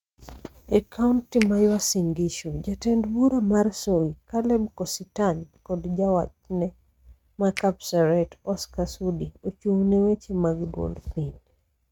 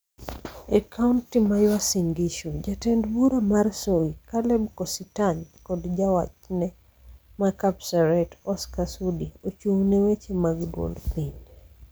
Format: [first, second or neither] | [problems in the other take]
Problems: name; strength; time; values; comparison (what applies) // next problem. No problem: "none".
second | noise reduction (neural mask model RNNoise)